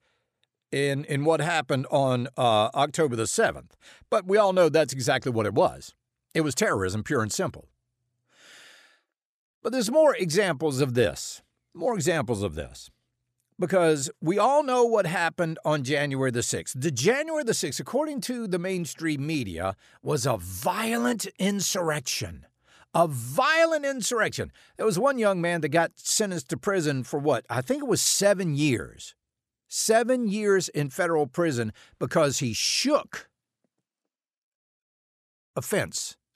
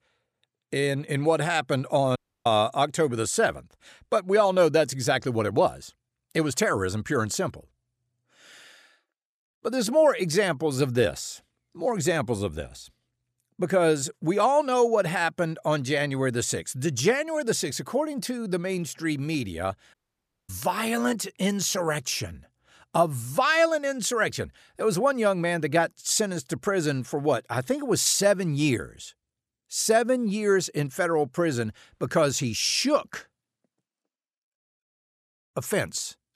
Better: first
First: none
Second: audio cutting out; at 2 s and at 20 s for 0.5 s

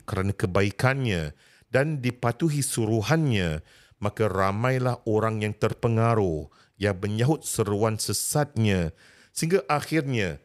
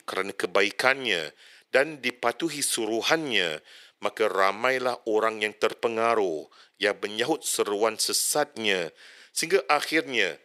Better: first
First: none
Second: thin; very; fading below 350 Hz

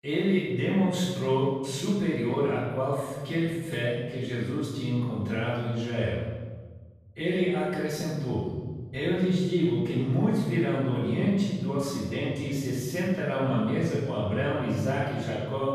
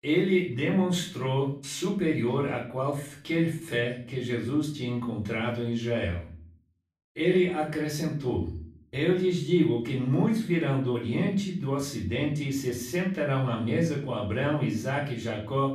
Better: second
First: room echo; strong; dies away in 1.5 s // off-mic speech; far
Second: room echo; slight; dies away in 0.4 s // off-mic speech; far

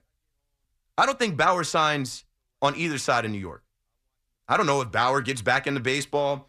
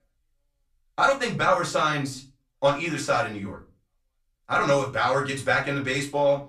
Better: first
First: none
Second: off-mic speech; far // room echo; very slight; dies away in 0.3 s

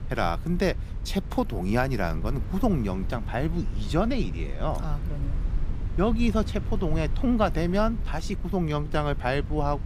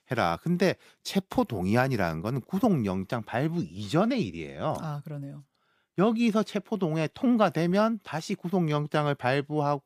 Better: second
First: low rumble; noticeable; throughout; 15 dB below the speech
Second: none

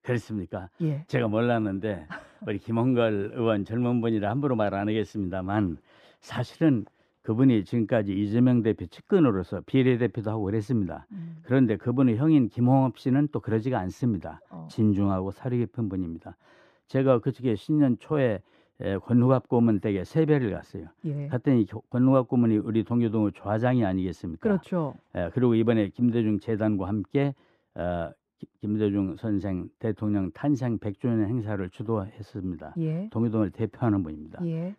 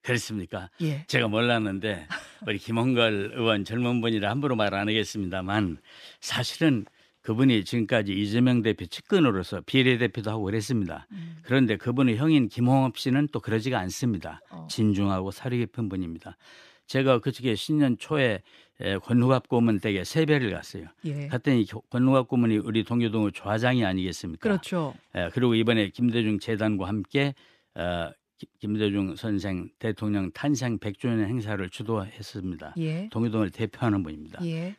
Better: second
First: muffled; slightly; fading above 1.5 kHz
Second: none

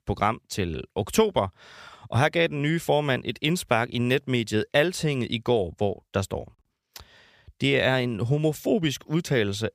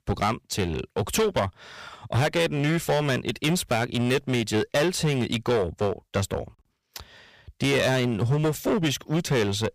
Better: first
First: none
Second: distortion; heavy; 13% of the sound clipped

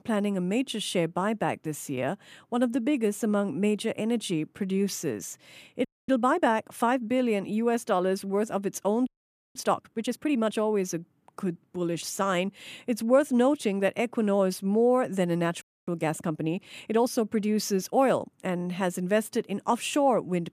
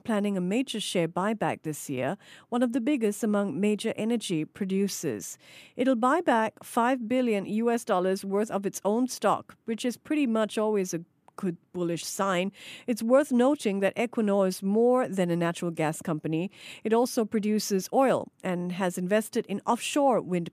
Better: second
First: audio freezing; at 6 s, at 9 s and at 16 s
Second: none

